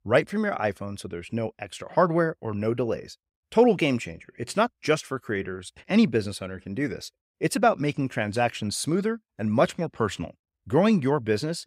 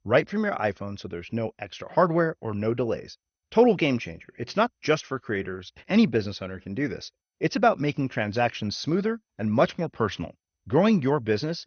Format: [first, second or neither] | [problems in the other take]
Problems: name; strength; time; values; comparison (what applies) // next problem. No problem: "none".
first | garbled, watery; slightly; nothing above 6.5 kHz